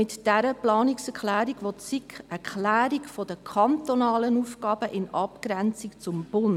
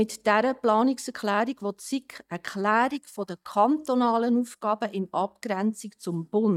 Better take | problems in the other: first | noise reduction (neural mask model DeepFilterNet 3)

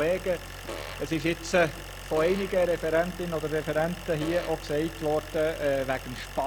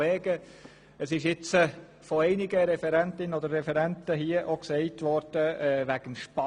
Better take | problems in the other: second | background sound (Fart + Idling); 11 dB below the speech

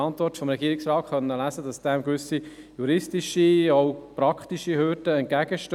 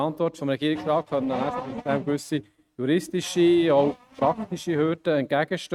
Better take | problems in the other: first | noise reduction (neural mask model RNNoise)

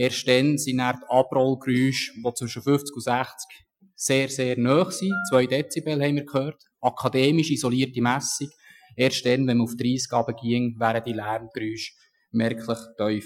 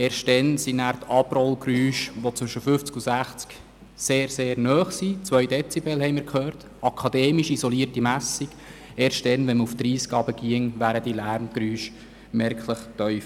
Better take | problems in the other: second | noise reduction (classical method Wiener filter)

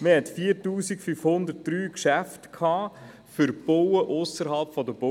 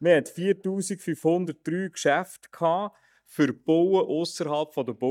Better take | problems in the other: first | noise reduction (neural mask model DeepFilterNet 3)

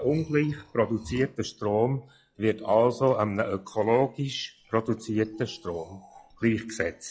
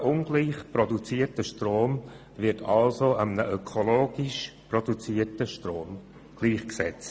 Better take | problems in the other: second | noise reduction (classical method log-MMSE)

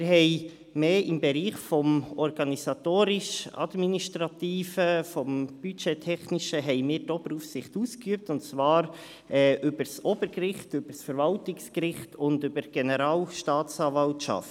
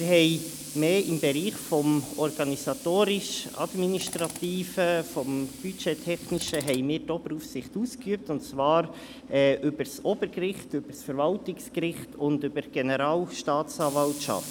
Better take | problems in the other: first | background sound (Tools); 15 dB below the speech

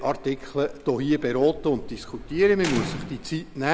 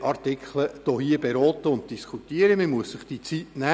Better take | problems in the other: second | background sound (Sliding door + Slam); 12 dB below the speech

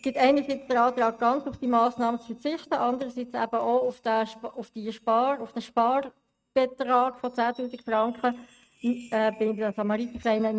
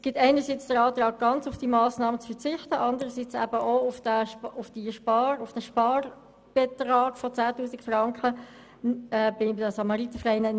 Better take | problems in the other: second | noise reduction (neural mask model RNNoise)

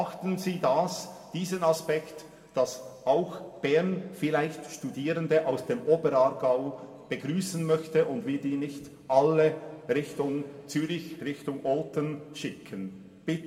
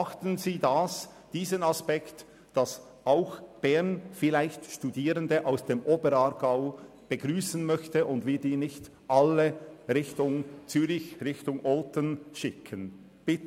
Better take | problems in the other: second | room echo; dies away in 1.3 s

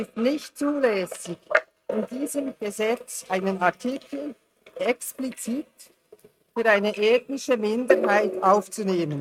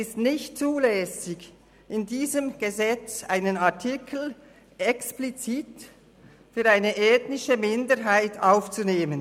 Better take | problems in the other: second | noise reduction (neural mask model RNNoise)

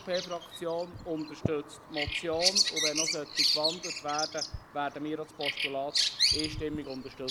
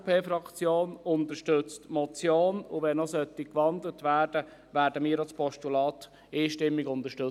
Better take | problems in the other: second | background sound (Bird vocalization, bird call, bird song); 3 dB above the speech

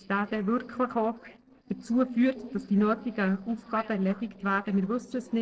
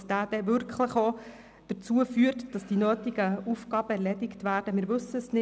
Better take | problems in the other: second | noise reduction (neural separator model SepFormer DNS4)

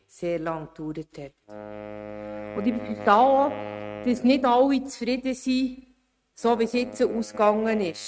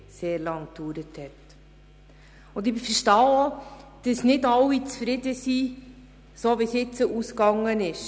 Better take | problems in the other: second | noise reduction (neural mask model RNNoise)

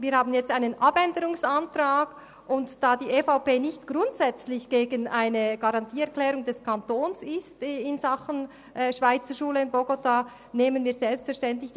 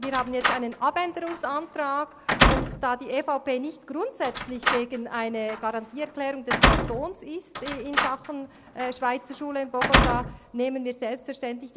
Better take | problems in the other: first | background sound (Slam); 2 dB above the speech

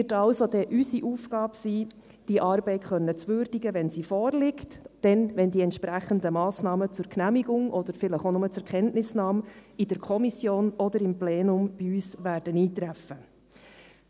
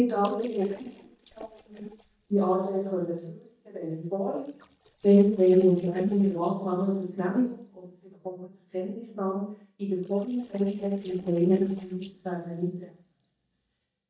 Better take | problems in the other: first | noise reduction (neural mask model DeepFilterNet 3)

